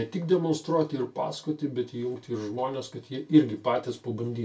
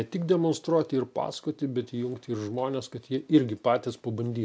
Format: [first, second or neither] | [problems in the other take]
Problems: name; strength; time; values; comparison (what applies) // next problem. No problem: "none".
second | room echo; dies away in 0.2 s